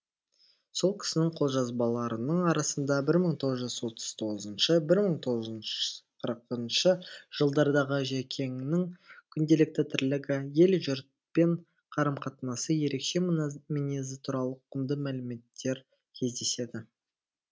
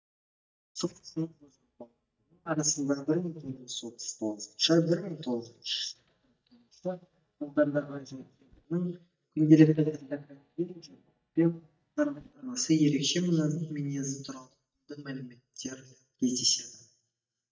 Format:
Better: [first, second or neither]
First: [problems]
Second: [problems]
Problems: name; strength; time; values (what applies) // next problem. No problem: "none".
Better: first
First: none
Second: noise reduction (neural mask model DeepFilterNet 3)